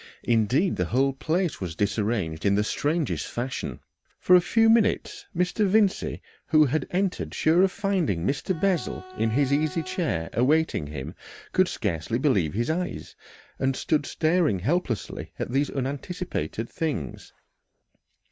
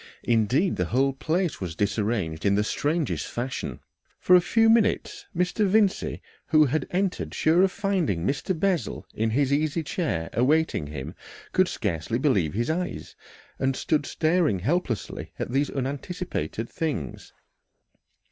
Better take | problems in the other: second | background sound (Bowed string instrument); 17 dB below the speech

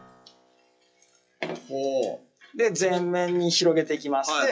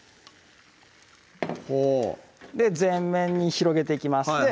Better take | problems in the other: second | noise reduction (classical method WPE with log-MMSE)

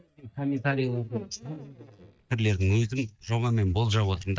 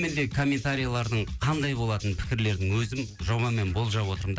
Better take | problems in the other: second | noise reduction (neural mask model DeepFilterNet 3)

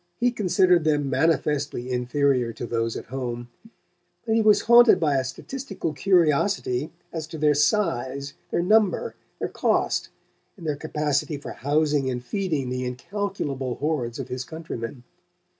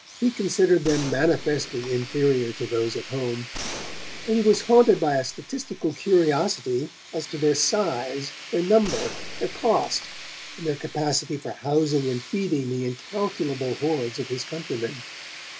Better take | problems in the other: first | background sound (Gunshot, gunfire + Tools); 13 dB below the speech

